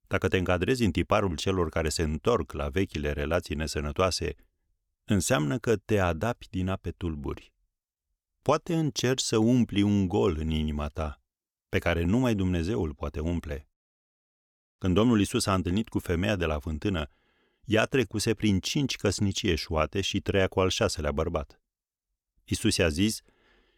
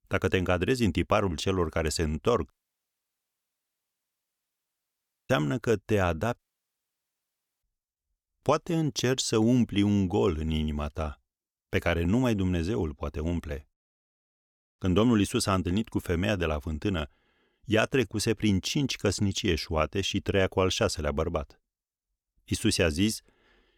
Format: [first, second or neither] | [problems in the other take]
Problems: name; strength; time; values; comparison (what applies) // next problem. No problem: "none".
first | audio cutting out; at 2.5 s for 3 s and at 6.5 s for 1.5 s